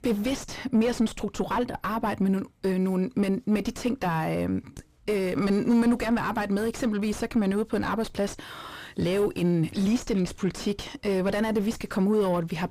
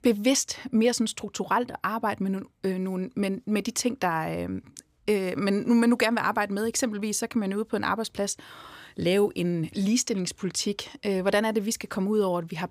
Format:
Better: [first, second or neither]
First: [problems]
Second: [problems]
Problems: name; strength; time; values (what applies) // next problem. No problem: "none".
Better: second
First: distortion; heavy; 5 dB below the speech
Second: none